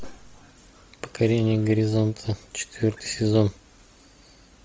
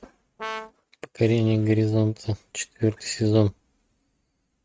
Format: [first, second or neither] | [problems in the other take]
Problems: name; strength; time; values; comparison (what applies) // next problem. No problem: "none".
first | noise reduction (neural mask model RNNoise)